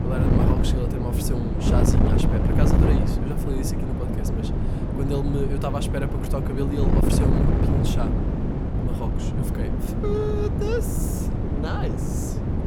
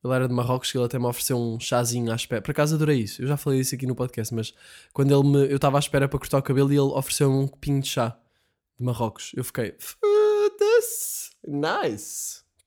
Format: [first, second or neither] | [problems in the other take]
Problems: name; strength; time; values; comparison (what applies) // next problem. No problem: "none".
second | wind noise on the microphone; heavy; 2 dB above the speech